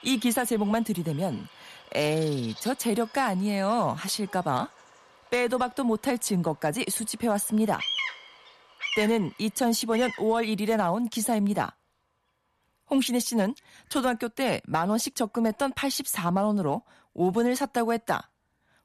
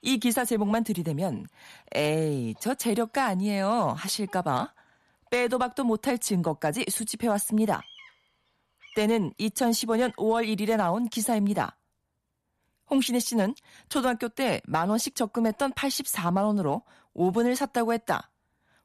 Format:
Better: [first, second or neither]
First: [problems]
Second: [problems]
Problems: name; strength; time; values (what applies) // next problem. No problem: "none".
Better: second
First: animal sounds; loud; throughout; 9 dB below the speech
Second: animal sounds; faint; throughout; 30 dB below the speech